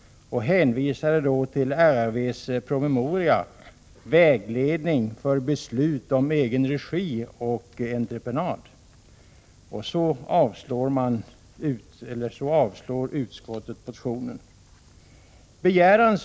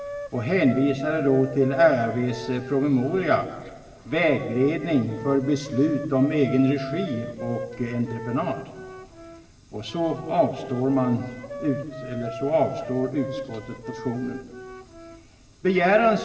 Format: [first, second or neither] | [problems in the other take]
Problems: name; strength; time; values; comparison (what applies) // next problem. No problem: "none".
first | background sound (Wind instrument, woodwind instrument); 13 dB below the speech // room echo; dies away in 1.9 s